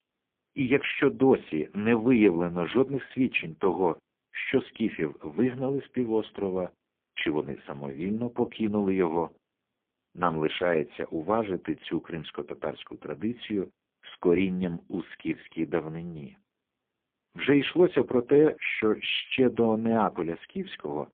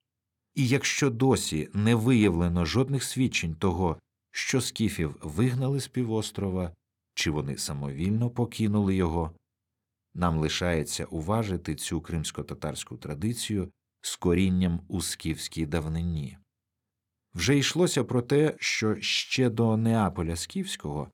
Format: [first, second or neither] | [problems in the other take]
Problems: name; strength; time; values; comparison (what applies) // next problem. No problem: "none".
second | phone-call audio; poor line; nothing above 3.5 kHz